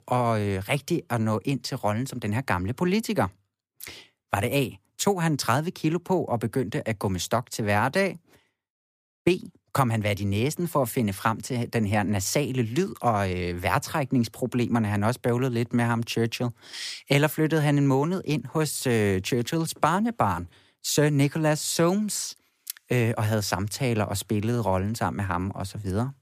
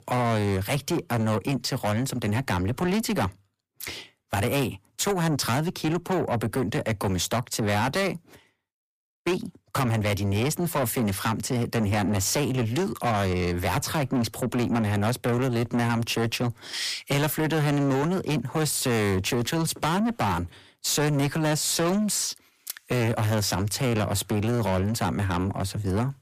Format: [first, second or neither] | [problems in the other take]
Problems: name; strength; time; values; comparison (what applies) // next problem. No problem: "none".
first | distortion; heavy; 7 dB below the speech